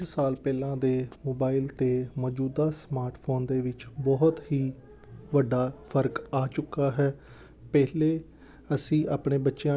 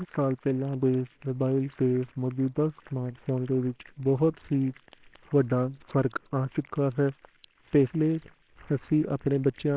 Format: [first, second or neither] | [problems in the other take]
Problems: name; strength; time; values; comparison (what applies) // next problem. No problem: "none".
first | noise reduction (neural separator model SepFormer WHAMR!)